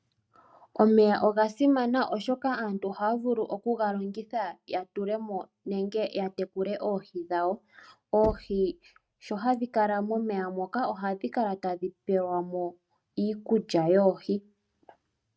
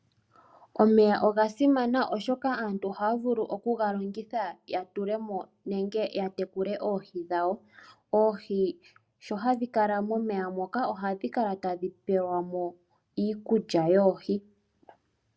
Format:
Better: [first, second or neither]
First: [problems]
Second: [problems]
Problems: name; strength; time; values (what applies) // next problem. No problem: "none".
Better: second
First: noise reduction (neural mask model RNNoise)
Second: none